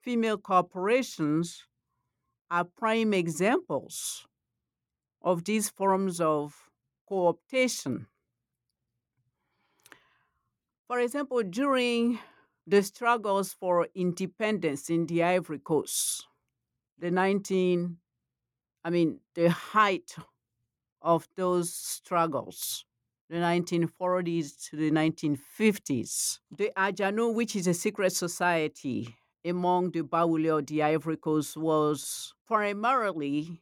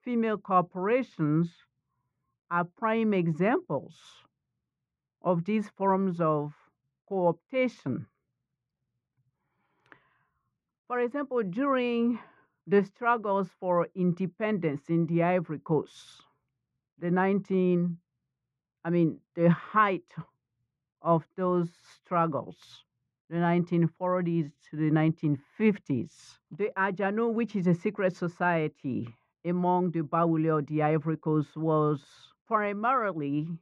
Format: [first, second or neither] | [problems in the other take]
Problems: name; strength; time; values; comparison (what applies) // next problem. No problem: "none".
first | muffled; very; fading above 2 kHz